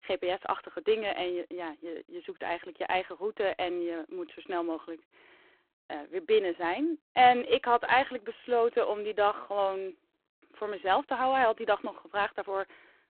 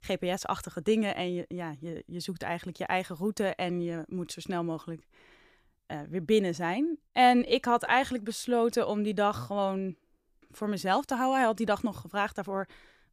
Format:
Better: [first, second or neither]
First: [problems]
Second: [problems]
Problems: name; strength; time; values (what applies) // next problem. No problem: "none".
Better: second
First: phone-call audio; poor line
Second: none